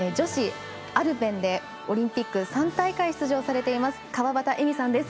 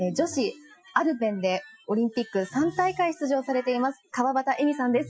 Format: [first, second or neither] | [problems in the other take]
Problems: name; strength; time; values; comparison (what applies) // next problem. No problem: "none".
first | noise reduction (classical method Wiener filter)